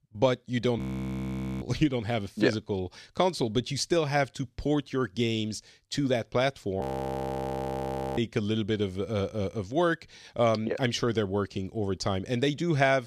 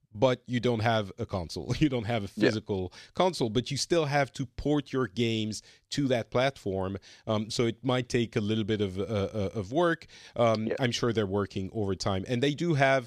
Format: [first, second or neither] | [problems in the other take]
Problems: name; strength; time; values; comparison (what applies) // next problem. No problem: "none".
second | audio freezing; at 1 s for 1 s and at 7 s for 1.5 s